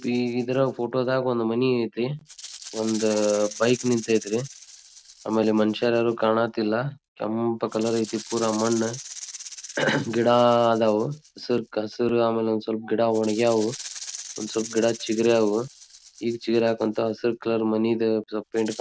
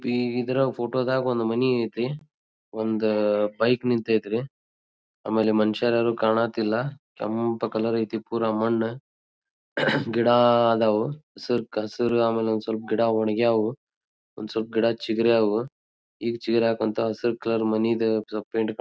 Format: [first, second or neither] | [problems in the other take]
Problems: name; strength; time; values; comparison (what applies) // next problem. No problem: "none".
second | background sound (Rattle (instrument)); 18 dB below the speech